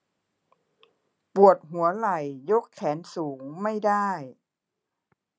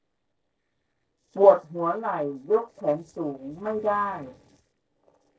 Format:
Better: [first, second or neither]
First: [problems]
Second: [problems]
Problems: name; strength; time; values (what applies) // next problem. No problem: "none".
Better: first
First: none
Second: noise reduction (neural separator model SepFormer DNS4)